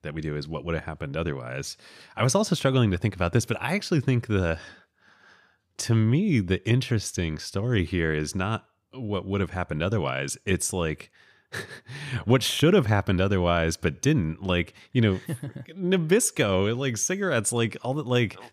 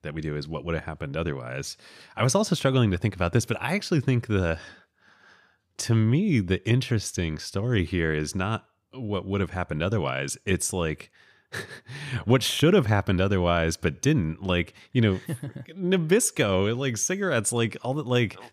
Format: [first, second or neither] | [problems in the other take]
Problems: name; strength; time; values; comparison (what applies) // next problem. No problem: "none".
neither | none